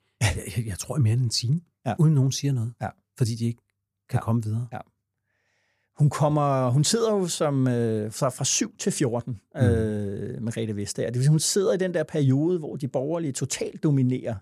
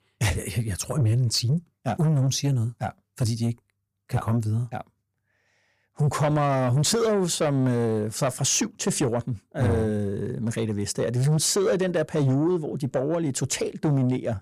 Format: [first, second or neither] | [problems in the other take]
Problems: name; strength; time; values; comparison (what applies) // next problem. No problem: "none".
first | distortion; slight; 10 dB below the speech